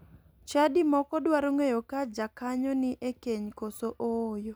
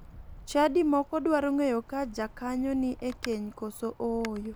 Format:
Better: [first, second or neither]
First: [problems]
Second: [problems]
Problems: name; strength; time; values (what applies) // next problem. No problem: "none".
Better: first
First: none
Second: background sound (Wind); 18 dB below the speech